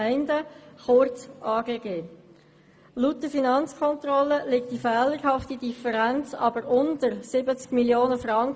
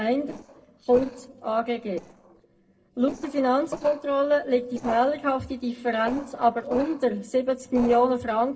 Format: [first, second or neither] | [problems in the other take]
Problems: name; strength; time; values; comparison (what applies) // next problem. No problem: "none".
first | noise reduction (neural separator model SepFormer DNS4)